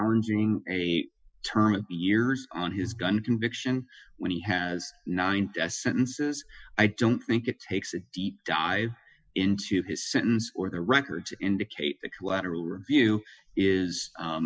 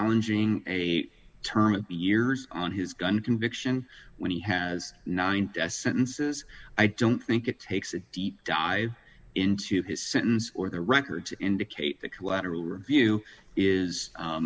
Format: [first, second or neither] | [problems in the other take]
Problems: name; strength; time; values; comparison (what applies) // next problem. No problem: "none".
second | noise reduction (classical method Wiener filter)